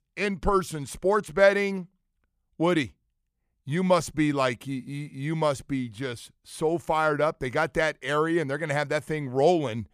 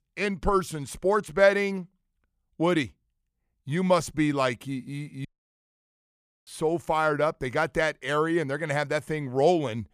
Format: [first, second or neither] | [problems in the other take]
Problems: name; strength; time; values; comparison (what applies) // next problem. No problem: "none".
first | audio cutting out; at 5.5 s for 1 s